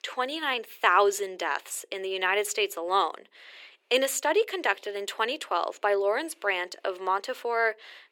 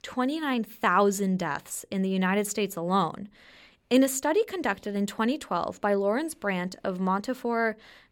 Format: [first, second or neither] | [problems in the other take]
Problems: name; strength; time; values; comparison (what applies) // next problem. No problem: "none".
second | thin; very; fading below 350 Hz